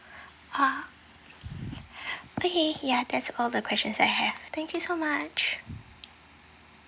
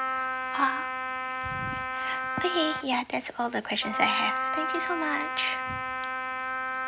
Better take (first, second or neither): first